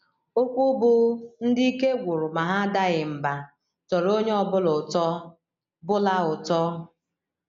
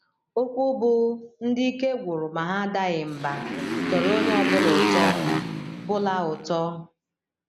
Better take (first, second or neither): first